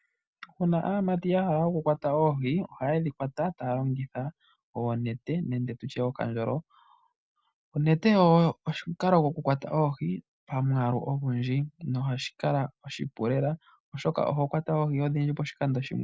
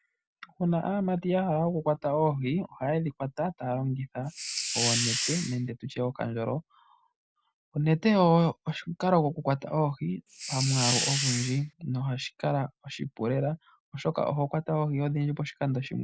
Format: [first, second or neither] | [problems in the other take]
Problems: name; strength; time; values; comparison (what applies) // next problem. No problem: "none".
first | background sound (Hiss); 2 dB below the speech